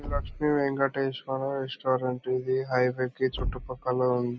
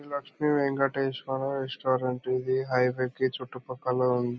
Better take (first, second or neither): second